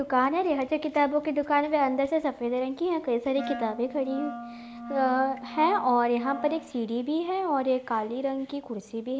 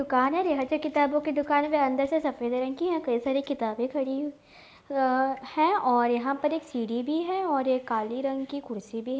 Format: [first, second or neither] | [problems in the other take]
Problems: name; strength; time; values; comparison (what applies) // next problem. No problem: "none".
second | background sound (Wind instrument, woodwind instrument); 12 dB below the speech